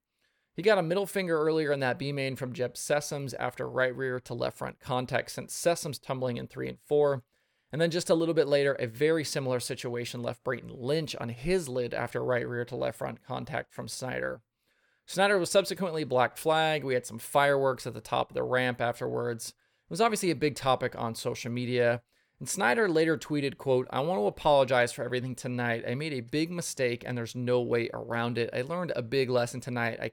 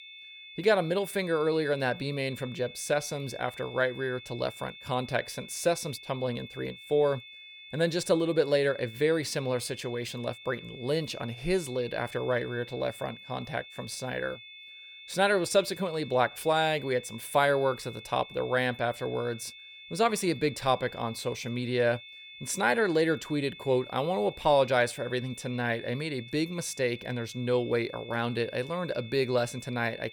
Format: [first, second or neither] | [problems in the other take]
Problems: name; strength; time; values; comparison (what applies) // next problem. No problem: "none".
first | high-pitched whine; noticeable; throughout; 3.5 kHz, 15 dB below the speech